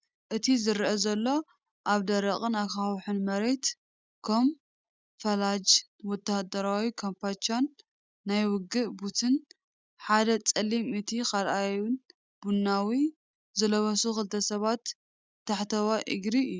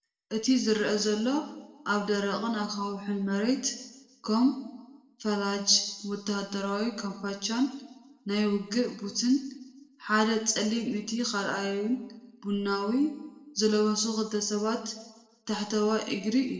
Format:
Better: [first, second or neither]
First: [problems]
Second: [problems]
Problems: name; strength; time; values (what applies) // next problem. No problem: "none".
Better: first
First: none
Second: room echo; dies away in 0.8 s